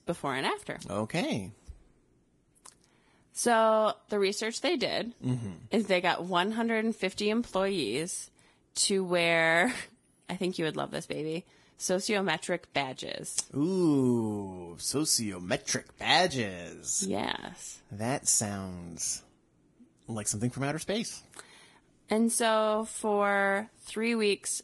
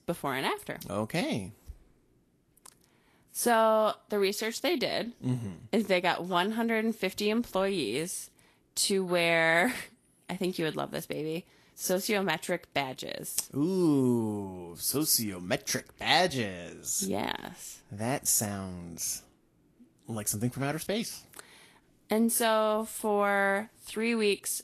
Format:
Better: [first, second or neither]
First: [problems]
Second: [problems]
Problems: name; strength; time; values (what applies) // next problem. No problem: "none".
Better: second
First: garbled, watery; badly; nothing above 11.5 kHz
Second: garbled, watery; slightly; nothing above 12.5 kHz